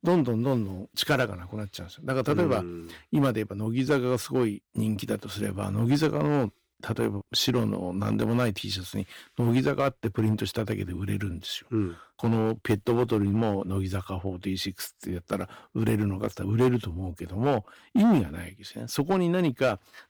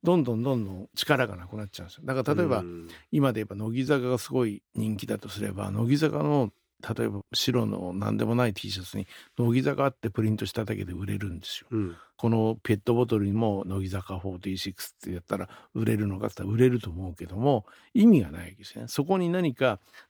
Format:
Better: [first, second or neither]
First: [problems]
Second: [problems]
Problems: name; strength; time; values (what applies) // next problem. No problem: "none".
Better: second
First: distortion; slight; 3% of the sound clipped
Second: none